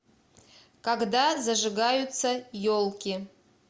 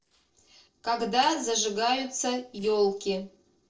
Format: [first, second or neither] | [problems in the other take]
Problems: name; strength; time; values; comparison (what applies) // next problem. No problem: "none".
first | noise reduction (neural separator model SepFormer DNS4)